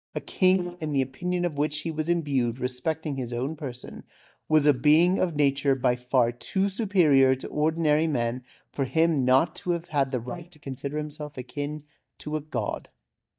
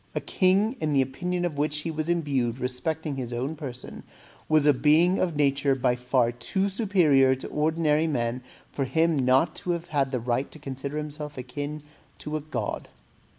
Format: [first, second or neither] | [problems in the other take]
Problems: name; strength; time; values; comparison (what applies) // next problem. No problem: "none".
second | noise reduction (neural mask model DeepFilterNet 3)